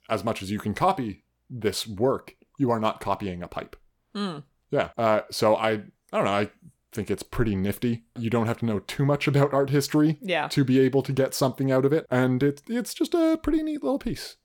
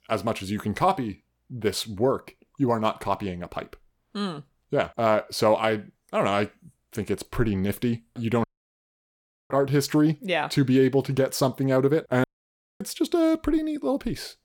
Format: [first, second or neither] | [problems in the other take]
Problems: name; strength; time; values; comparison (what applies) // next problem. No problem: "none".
first | audio cutting out; at 8.5 s for 1 s and at 12 s for 0.5 s